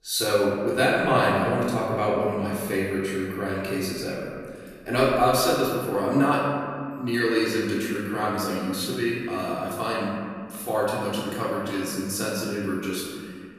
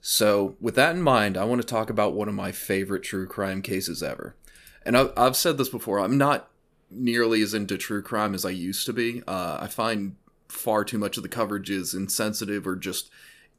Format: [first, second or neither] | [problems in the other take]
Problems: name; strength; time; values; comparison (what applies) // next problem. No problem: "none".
second | room echo; noticeable; dies away in 1.9 s // off-mic speech; far